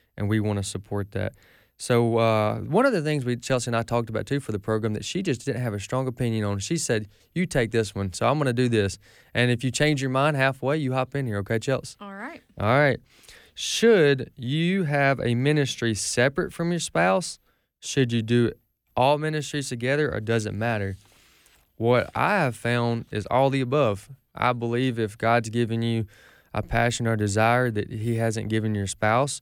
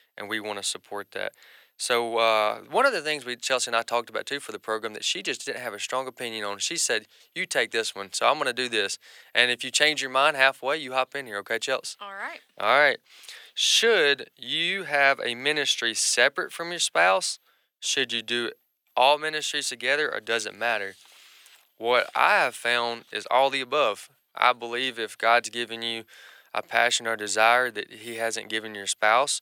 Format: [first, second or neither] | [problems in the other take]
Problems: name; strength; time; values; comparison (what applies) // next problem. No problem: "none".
first | thin; very; fading below 700 Hz